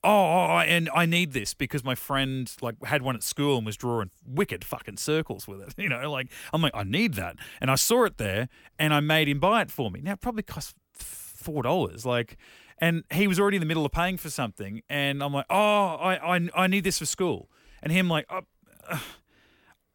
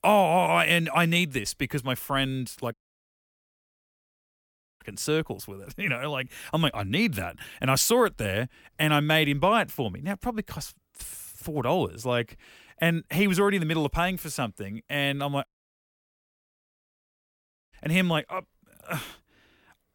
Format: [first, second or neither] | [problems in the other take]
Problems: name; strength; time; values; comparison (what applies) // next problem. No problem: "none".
first | audio cutting out; at 2.5 s for 2 s and at 15 s for 2.5 s